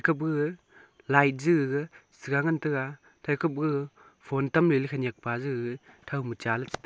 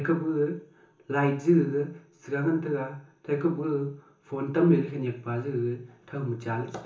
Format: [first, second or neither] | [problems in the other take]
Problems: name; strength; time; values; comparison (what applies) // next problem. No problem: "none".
first | room echo; dies away in 0.7 s